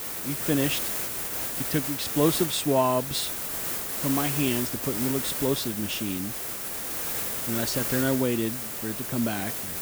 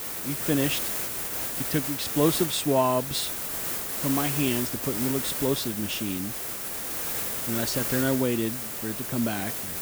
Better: neither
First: hiss; loud; throughout; 1 dB below the speech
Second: hiss; loud; throughout; 1 dB below the speech

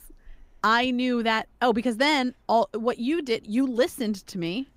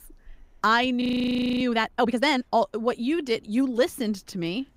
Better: first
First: none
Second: audio freezing; at 1 s for 0.5 s

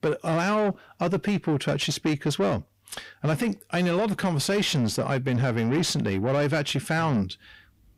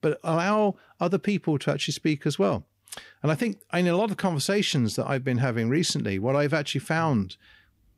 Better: second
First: distortion; slight; 10 dB below the speech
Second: none

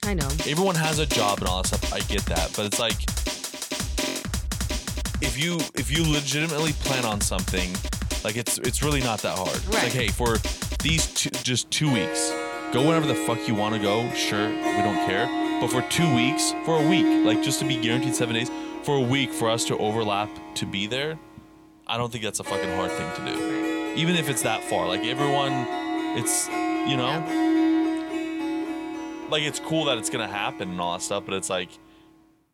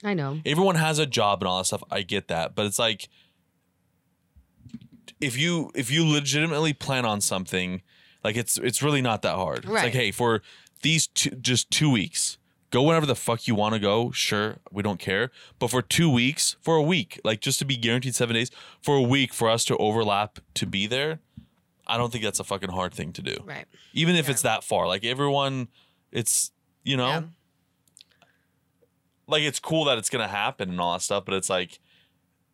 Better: second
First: background music; loud; throughout; 2 dB below the speech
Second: none

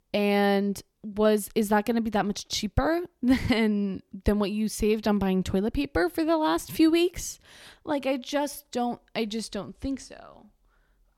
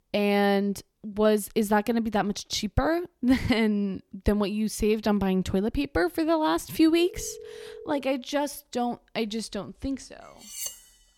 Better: first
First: none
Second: phone ringing; faint; from 7 to 8 s; peak 15 dB below the speech // clattering dishes; noticeable; at 10 s; peak 8 dB below the speech

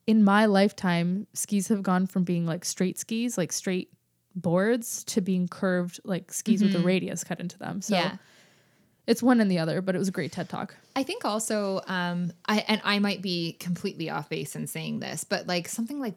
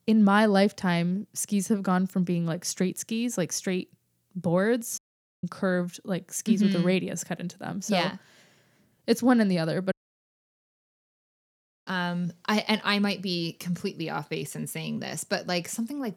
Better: first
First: none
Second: audio cutting out; at 5 s and at 10 s for 2 s

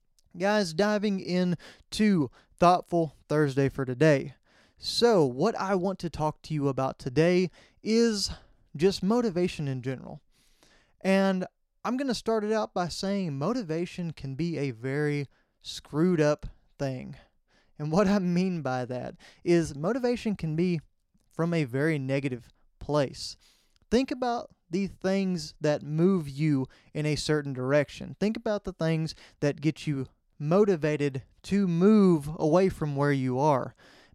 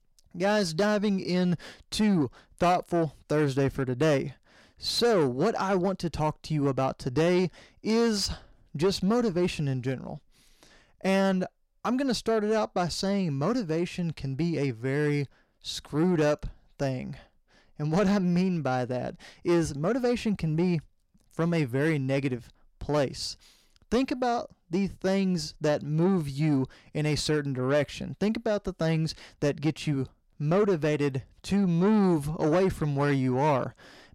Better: first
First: none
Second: distortion; slight; 10 dB below the speech

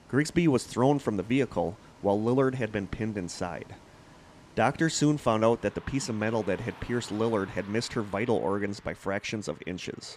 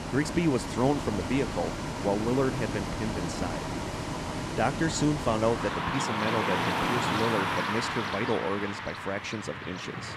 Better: first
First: traffic noise; faint; throughout; 25 dB below the speech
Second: traffic noise; loud; throughout; 1 dB below the speech

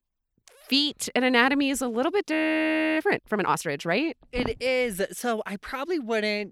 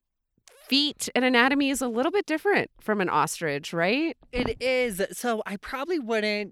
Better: second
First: audio freezing; at 2.5 s for 0.5 s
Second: none

